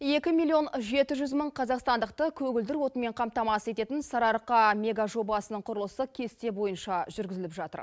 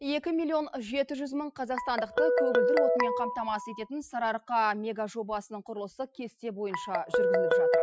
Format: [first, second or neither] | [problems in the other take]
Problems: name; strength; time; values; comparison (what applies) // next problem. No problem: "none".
first | noise reduction (classical method Wiener filter)